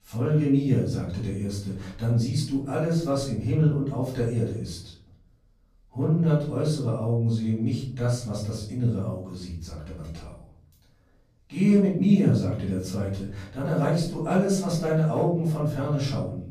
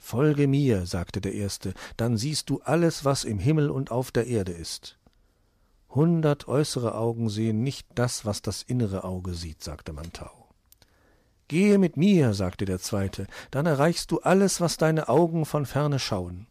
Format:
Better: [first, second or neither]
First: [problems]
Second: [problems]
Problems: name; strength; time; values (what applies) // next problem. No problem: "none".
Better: second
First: off-mic speech; far // room echo; noticeable; dies away in 0.9 s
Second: none